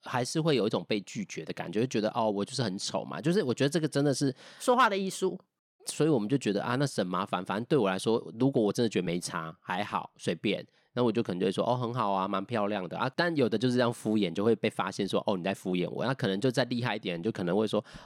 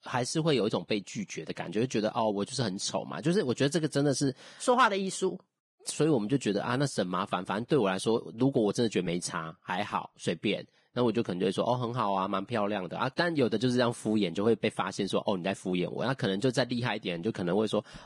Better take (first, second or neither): first